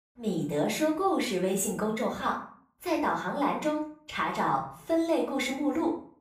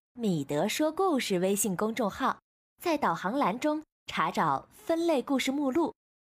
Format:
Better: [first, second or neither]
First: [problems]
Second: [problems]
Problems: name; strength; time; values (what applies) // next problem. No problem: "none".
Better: second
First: off-mic speech; far // room echo; slight; dies away in 0.4 s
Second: none